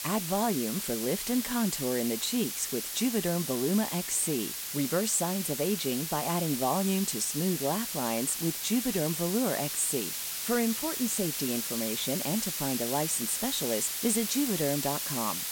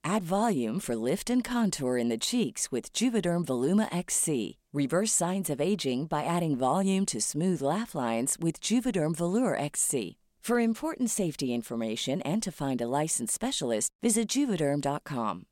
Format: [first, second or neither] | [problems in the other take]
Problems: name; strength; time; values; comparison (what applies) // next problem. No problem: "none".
second | hiss; loud; throughout; 2 dB below the speech